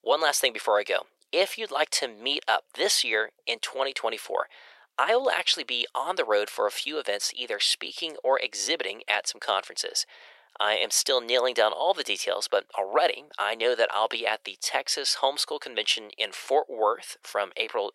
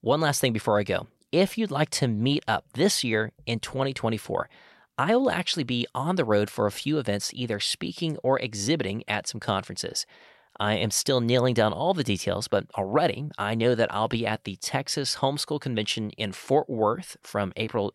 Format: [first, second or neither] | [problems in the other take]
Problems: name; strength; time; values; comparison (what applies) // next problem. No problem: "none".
second | thin; very; fading below 450 Hz